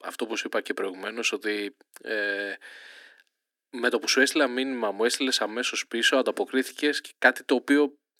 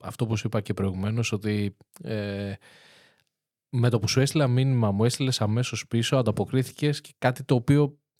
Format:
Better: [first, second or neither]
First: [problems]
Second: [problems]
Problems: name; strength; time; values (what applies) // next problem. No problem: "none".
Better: second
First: thin; somewhat; fading below 250 Hz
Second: none